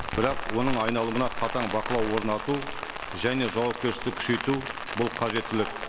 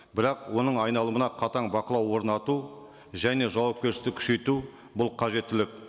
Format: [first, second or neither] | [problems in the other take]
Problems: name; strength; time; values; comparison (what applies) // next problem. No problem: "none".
second | background sound (Rain); 5 dB below the speech